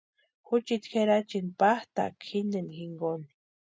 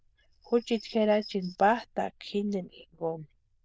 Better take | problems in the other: first | noise reduction (neural diffusion model UNIVERSE++)

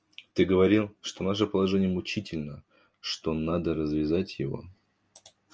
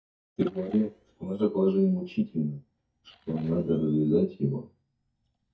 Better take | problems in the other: first | noise reduction (neural mask model DeepFilterNet 3)

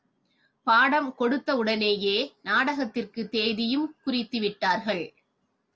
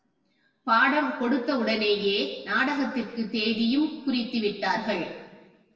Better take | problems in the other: first | room echo; dies away in 1.2 s

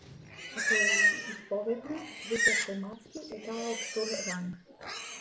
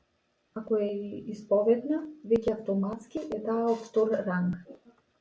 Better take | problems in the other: second | background sound (Livestock, farm animals, working animals); 5 dB above the speech

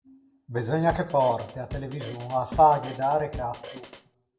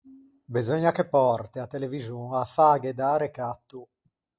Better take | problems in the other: second | background sound (Drum kit); 14 dB below the speech // room echo; dies away in 0.6 s

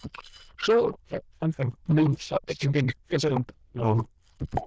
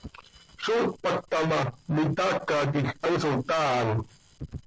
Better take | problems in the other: second | noise reduction (neural diffusion model UNIVERSE++)

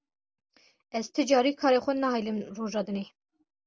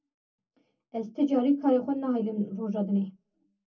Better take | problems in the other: first | room echo; dies away in 0.3 s

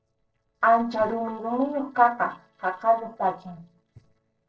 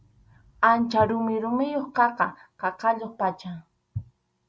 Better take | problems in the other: second | noise reduction (neural separator model SepFormer DNS4)

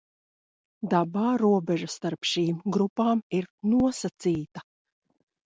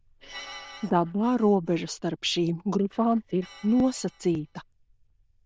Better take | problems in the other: first | noise reduction (neural diffusion model UNIVERSE++)

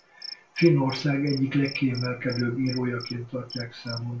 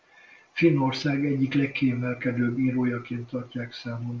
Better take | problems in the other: second | background sound (Cricket); 16 dB below the speech // room echo; dies away in 0.2 s

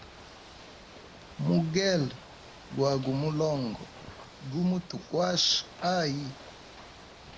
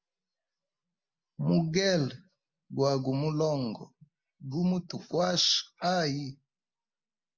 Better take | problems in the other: second | background sound (Ocean / Boat, Water vehicle); 17 dB below the speech

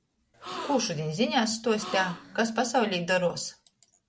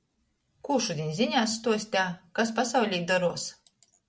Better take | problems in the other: second | background sound (Gasp); 12 dB below the speech

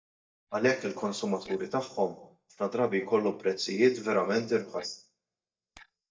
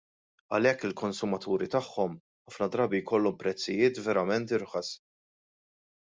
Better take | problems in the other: second | noise reduction (neural mask model DeepFilterNet 3)

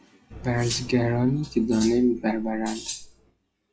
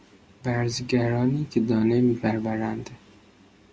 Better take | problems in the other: second | noise reduction (classical method log-MMSE)

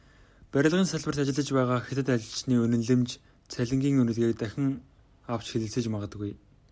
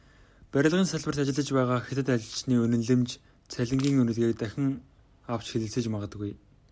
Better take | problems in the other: first | background sound (Crushing); 17 dB below the speech

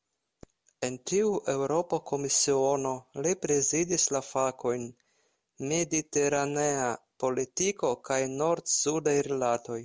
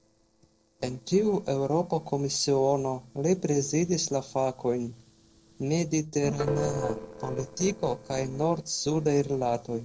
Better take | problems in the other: first | noise reduction (neural separator model SepFormer DNS4)

